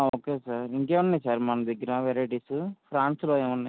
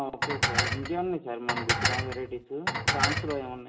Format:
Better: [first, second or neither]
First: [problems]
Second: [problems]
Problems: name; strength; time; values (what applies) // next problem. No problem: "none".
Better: first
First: none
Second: background sound (Dishes, pots, and pans); 4 dB above the speech // room echo; dies away in 0.8 s